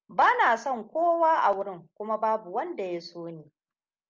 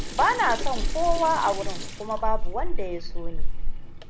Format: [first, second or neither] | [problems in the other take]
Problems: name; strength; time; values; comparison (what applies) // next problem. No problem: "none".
first | background sound (Sink (filling or washing) / Water tap, faucet); 4 dB above the speech